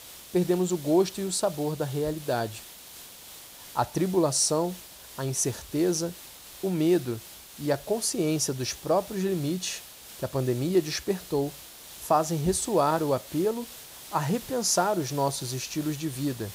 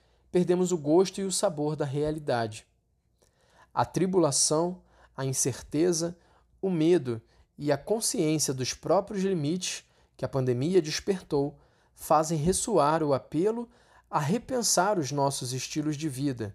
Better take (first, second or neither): second